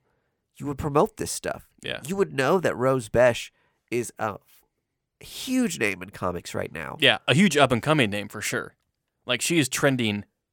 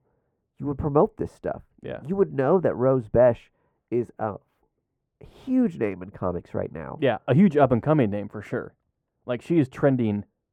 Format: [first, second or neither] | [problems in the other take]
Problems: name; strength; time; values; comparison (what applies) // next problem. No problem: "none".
first | muffled; very; fading above 2 kHz